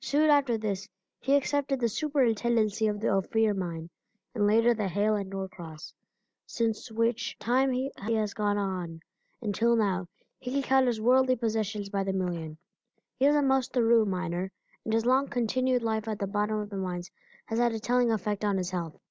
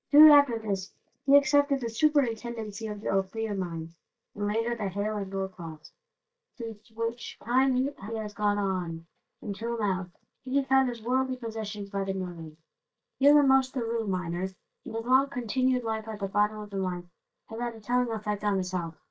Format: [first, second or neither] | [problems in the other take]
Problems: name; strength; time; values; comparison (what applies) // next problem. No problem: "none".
first | noise reduction (neural mask model DeepFilterNet 3)